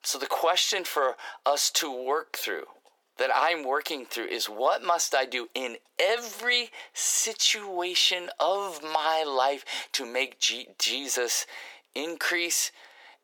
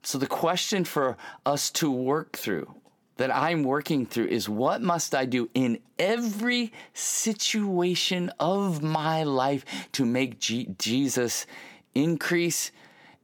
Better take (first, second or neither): second